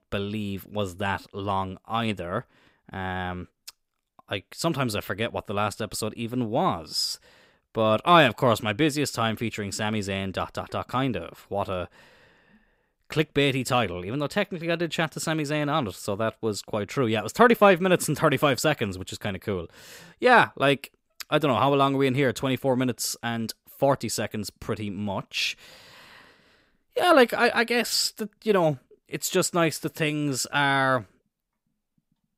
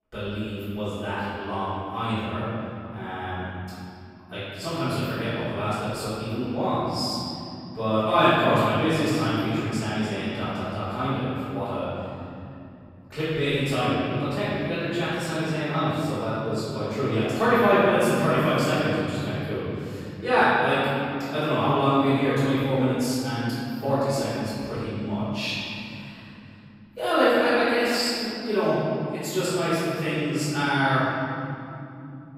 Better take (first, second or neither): first